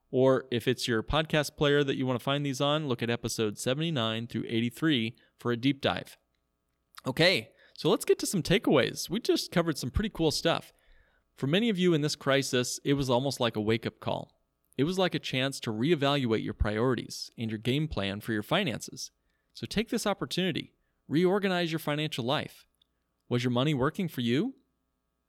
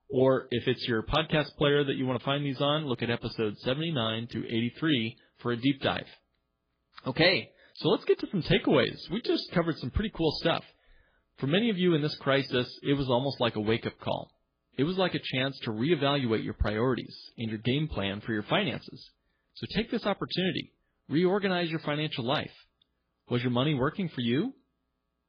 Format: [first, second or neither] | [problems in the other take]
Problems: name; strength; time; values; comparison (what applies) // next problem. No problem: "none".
first | garbled, watery; badly; nothing above 4 kHz